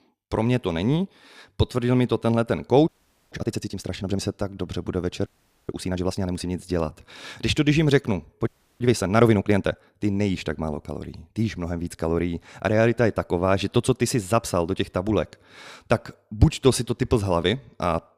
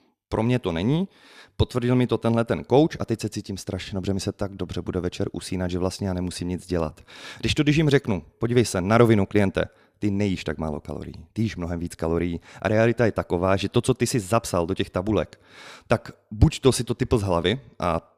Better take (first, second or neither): second